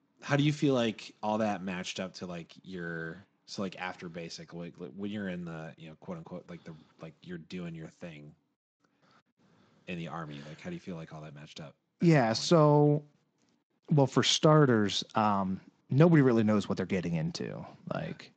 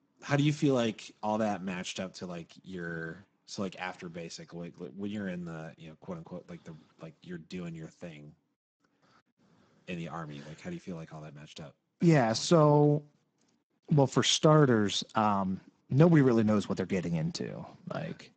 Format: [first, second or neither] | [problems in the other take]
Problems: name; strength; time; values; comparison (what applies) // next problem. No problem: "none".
first | garbled, watery; badly; nothing above 7.5 kHz; slightly in the first